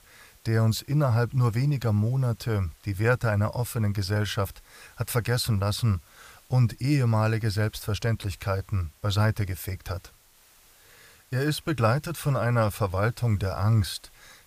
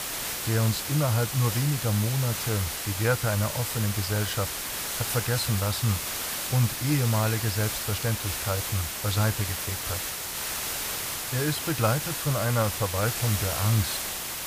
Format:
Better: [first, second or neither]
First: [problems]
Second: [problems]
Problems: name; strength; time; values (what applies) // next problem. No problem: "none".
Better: first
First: hiss; faint; throughout; 30 dB below the speech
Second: hiss; loud; throughout; 2 dB below the speech